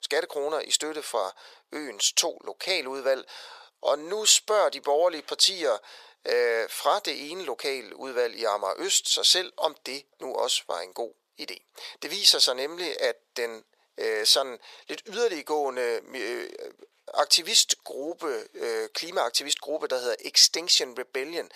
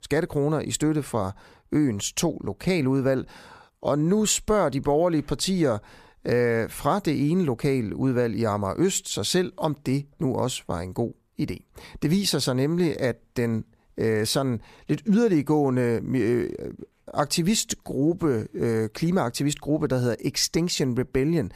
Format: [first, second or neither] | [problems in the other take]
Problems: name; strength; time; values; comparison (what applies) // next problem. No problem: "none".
second | thin; very; fading below 500 Hz